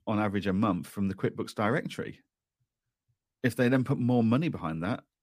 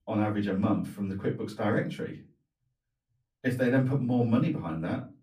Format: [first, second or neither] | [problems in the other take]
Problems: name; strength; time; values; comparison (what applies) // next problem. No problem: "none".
first | off-mic speech; far // room echo; very slight; dies away in 0.3 s